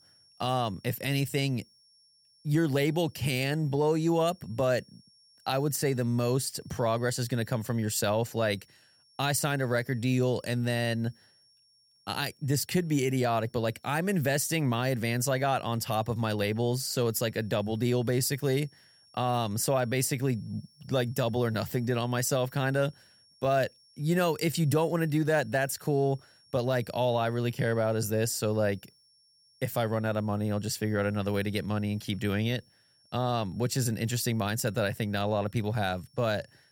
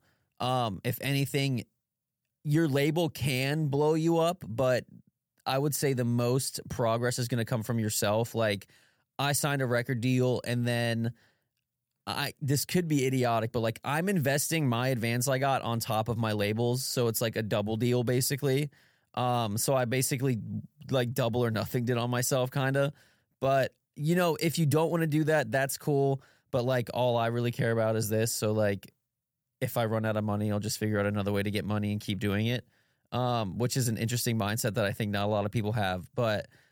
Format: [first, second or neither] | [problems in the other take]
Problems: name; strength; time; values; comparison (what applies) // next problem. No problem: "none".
second | high-pitched whine; faint; throughout; 5.5 kHz, 30 dB below the speech